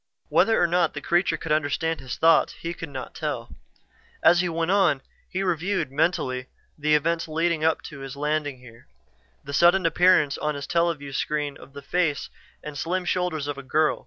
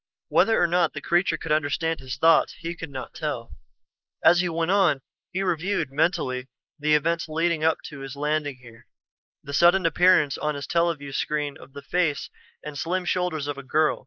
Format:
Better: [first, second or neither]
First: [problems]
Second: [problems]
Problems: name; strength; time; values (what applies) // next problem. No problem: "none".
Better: first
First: none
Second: noise reduction (neural mask model Resemble Enhance denoiser)